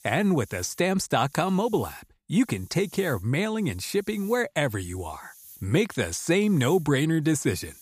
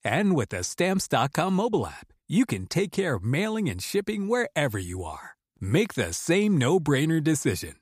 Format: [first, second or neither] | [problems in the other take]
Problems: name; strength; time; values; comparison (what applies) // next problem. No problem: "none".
second | hiss; faint; throughout; 25 dB below the speech